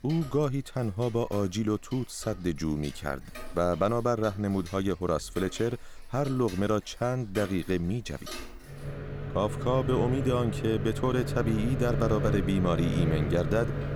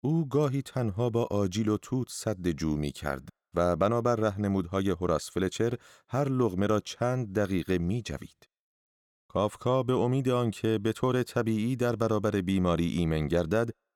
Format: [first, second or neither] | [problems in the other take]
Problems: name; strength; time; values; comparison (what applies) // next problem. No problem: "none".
second | household noises; loud; throughout; 5 dB below the speech